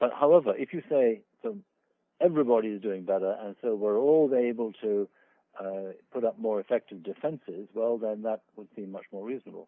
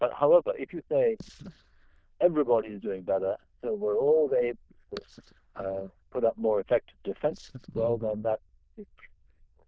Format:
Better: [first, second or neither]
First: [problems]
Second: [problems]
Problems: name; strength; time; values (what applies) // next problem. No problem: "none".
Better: first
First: none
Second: noise reduction (neural diffusion model UNIVERSE++)